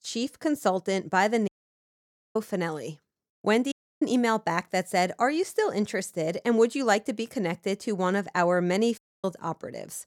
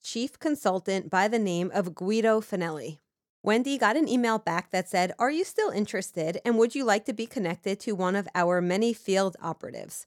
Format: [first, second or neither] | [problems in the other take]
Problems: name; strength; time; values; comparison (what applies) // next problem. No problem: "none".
second | audio cutting out; at 1.5 s for 1 s, at 3.5 s and at 9 s